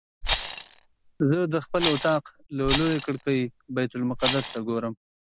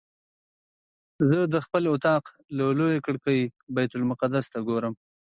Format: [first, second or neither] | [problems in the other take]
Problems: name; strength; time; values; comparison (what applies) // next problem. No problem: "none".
second | background sound (Rattle); 6 dB below the speech